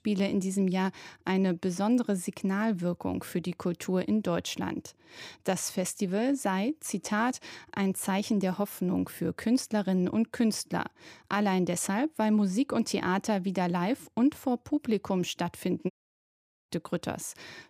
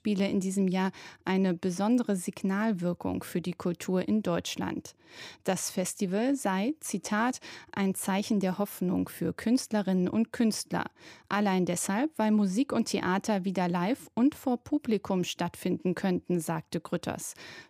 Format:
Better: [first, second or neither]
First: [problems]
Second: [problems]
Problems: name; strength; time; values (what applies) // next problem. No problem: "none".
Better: second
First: audio cutting out; at 16 s for 1 s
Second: none